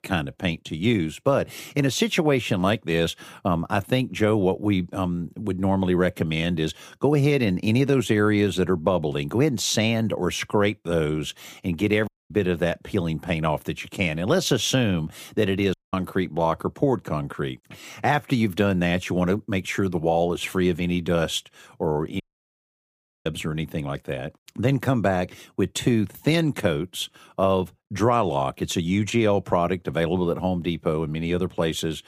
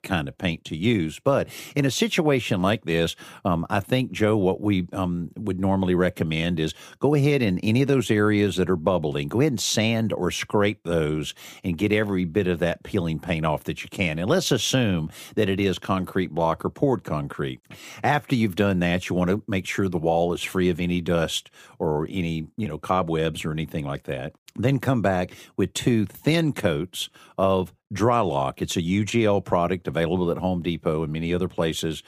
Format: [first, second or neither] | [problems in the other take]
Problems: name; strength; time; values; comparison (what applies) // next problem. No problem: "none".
second | audio cutting out; at 12 s, at 16 s and at 22 s for 1 s